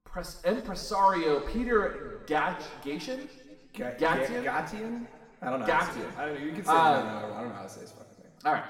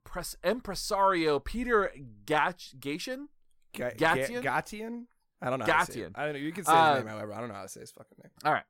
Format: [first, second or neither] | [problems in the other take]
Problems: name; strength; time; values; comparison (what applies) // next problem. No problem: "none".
second | room echo; noticeable; dies away in 1.8 s // off-mic speech; somewhat distant